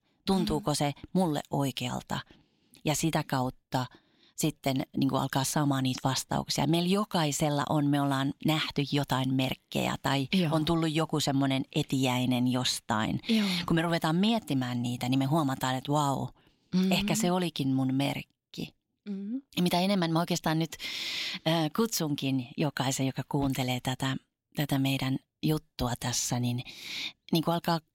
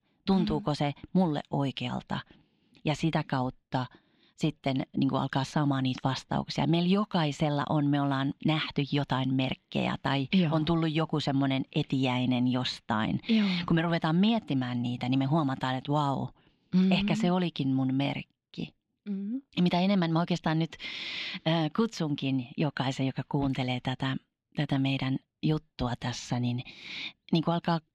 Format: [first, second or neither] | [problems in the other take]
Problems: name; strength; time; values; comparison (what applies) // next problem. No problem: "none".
first | muffled; very slightly; fading above 3 kHz